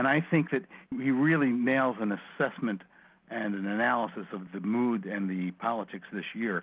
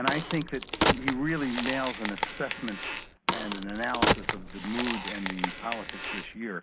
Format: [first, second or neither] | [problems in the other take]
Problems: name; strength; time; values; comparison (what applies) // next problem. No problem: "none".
first | background sound (Crack); 2 dB above the speech